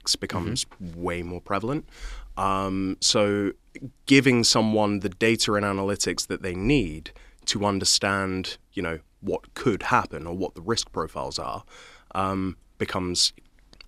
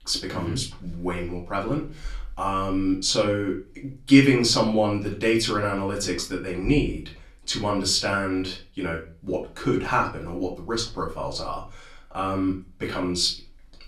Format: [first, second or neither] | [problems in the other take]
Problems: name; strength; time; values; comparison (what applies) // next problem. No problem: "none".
first | room echo; slight; dies away in 0.3 s // off-mic speech; far